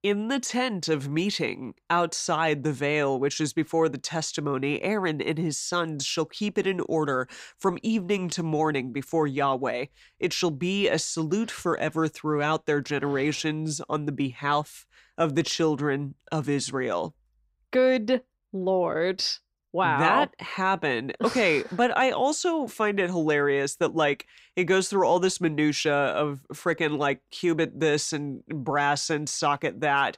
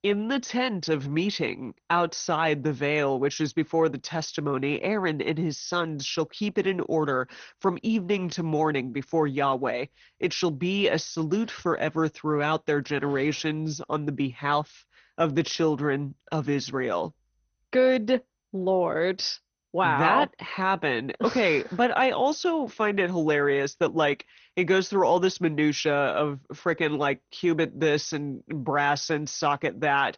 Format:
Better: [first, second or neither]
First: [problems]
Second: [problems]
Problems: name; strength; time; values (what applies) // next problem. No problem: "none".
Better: first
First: none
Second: garbled, watery; slightly; nothing above 6.5 kHz